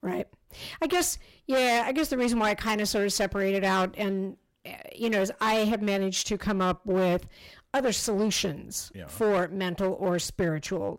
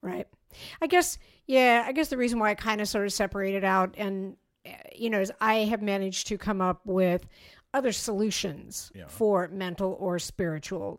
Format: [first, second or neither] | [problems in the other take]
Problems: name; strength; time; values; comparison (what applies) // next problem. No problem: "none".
second | distortion; heavy; 11% of the sound clipped